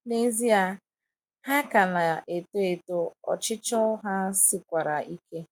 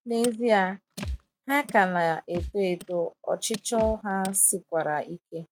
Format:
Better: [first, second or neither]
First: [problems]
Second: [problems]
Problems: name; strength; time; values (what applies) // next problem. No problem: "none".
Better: first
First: none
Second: noise reduction (neural mask model RNNoise)